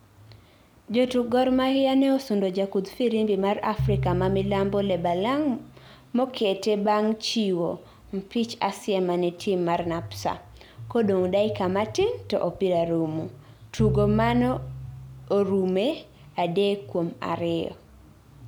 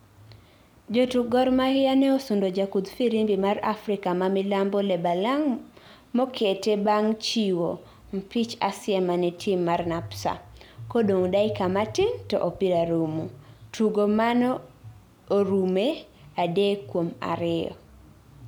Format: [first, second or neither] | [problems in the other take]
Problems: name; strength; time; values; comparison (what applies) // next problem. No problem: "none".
second | background sound (Piano); 8 dB below the speech